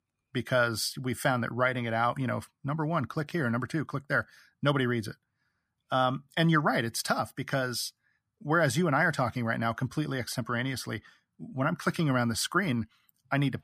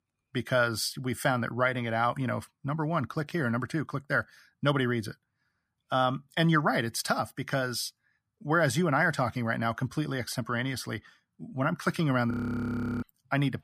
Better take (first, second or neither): first